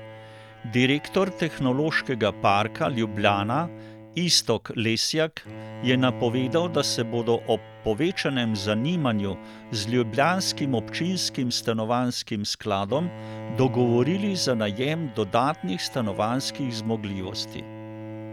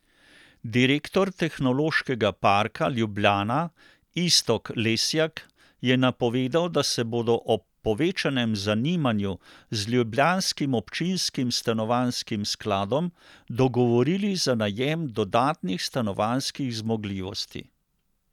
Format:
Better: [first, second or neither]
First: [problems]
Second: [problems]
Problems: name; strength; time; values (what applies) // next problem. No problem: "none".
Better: second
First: background sound (Bowed string instrument); 14 dB below the speech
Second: none